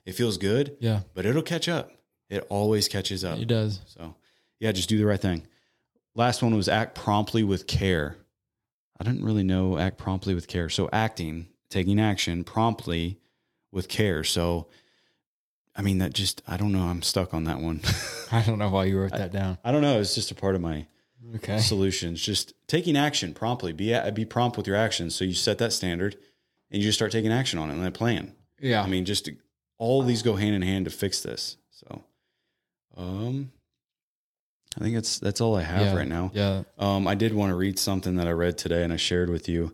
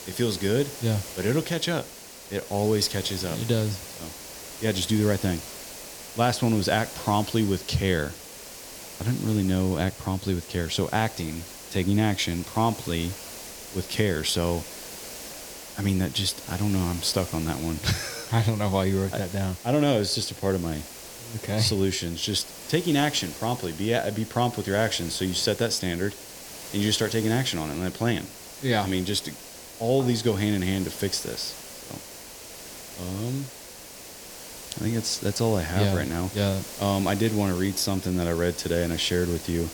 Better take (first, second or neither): first